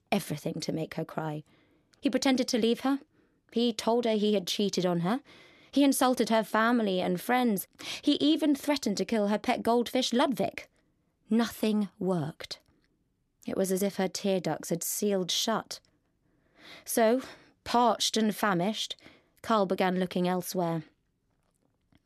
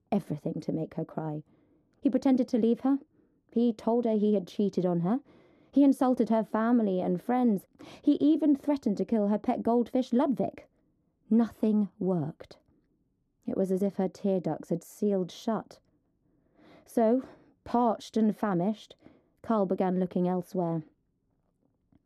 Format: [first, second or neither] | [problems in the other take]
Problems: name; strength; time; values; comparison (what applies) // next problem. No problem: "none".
first | muffled; very; fading above 1.5 kHz